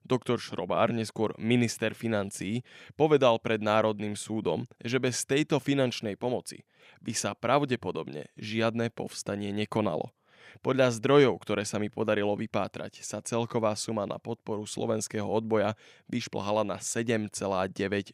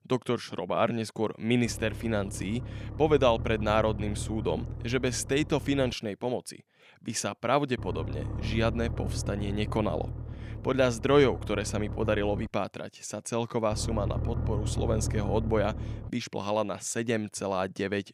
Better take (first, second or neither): first